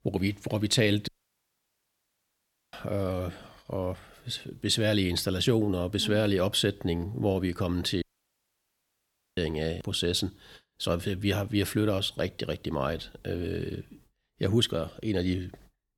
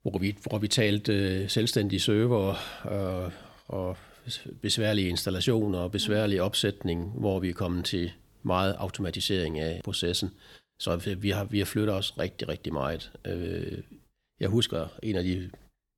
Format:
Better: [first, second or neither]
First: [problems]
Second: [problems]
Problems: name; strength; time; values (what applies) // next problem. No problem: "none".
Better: second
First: audio cutting out; at 1 s for 1.5 s and at 8 s for 1.5 s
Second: none